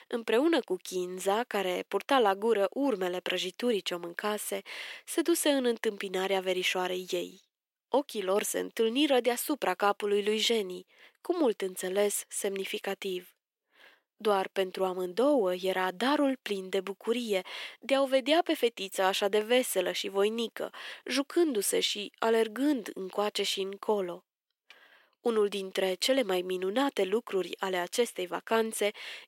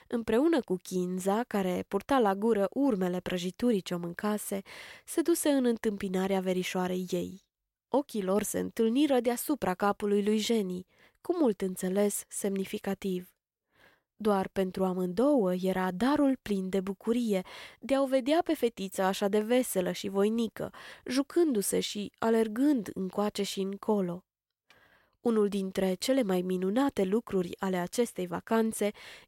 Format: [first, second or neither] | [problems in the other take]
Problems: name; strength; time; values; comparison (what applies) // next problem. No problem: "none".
second | thin; very slightly; fading below 300 Hz